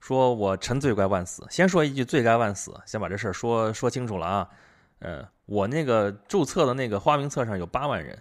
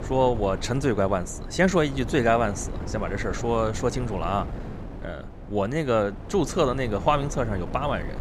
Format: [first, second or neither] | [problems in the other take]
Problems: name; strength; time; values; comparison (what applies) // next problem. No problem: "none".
first | wind noise on the microphone; occasional gusts; 15 dB below the speech